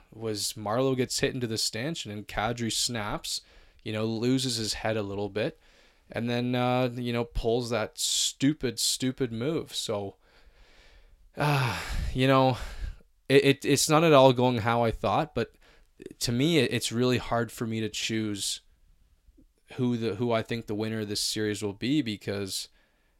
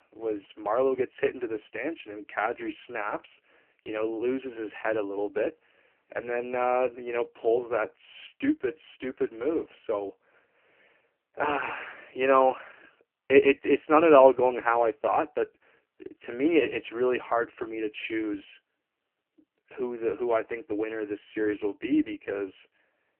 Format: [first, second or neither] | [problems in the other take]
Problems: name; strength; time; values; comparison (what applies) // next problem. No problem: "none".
first | phone-call audio; poor line; nothing above 3 kHz